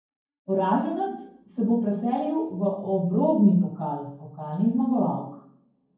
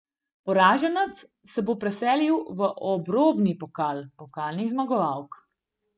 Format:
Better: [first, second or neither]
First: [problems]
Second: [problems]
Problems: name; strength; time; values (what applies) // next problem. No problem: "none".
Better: second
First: room echo; dies away in 0.9 s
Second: none